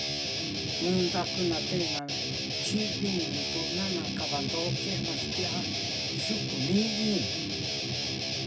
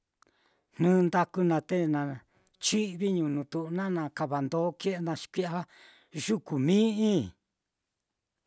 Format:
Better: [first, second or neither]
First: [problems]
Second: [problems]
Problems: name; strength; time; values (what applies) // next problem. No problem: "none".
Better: second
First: background sound (Guitar); 2 dB above the speech // room echo; dies away in 0.2 s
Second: none